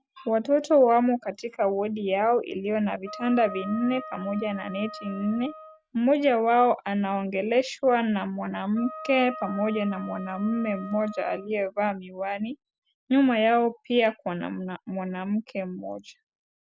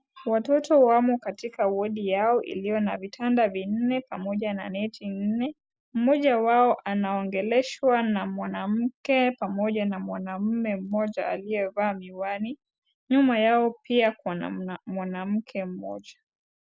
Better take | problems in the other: second | background sound (Wind instrument, woodwind instrument); 14 dB below the speech

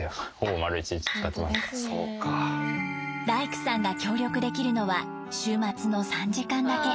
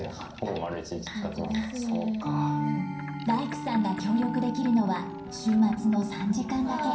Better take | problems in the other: first | background sound (Boat, Water vehicle); 20 dB below the speech // room echo; dies away in 0.6 s

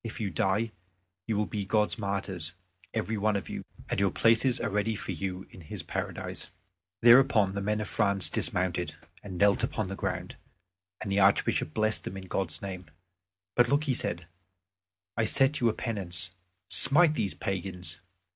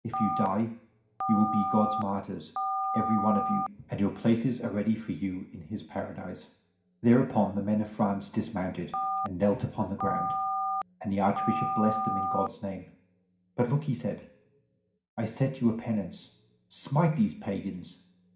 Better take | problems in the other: first | background sound (Telephone); 1 dB below the speech // room echo; dies away in 0.5 s

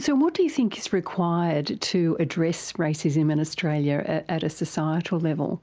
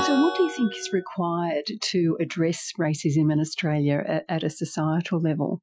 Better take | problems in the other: first | noise reduction (classical method Wiener filter)

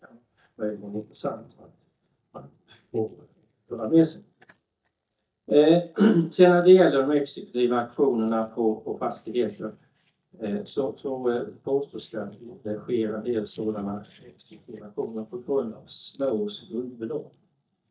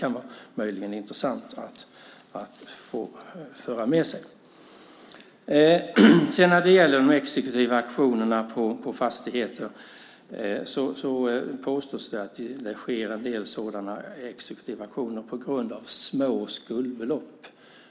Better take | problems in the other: second | noise reduction (neural mask model DeepFilterNet 3)

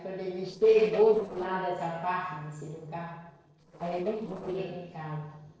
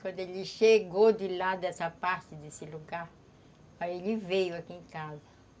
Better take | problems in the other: second | noise reduction (neural separator model SepFormer DNS4)

